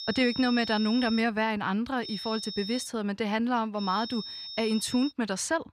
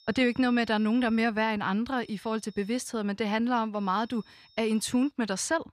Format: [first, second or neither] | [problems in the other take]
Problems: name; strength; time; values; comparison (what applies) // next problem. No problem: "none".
second | high-pitched whine; loud; until 1 s, at 2 s and from 4 to 5 s; 5.5 kHz, 8 dB below the speech; faint in the second